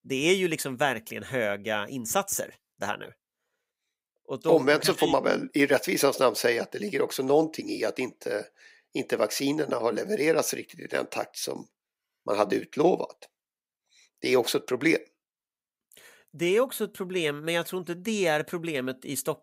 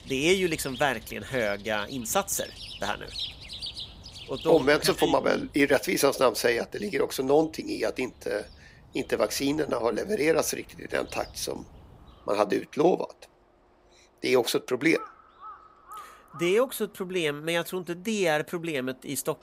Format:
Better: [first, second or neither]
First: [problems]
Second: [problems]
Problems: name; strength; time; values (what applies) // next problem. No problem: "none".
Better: first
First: none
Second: animal sounds; noticeable; throughout; 15 dB below the speech